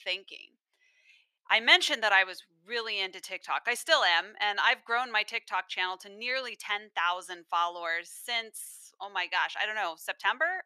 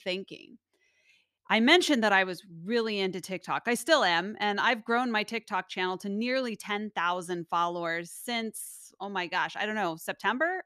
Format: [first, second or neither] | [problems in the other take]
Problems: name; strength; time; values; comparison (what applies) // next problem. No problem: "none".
second | thin; very; fading below 750 Hz